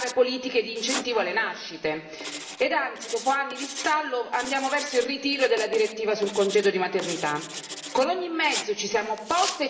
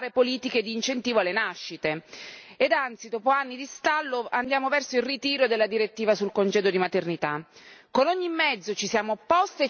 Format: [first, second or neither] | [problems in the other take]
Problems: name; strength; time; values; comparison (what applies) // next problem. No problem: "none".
second | background sound (Writing); 12 dB below the speech // room echo; dies away in 2.5 s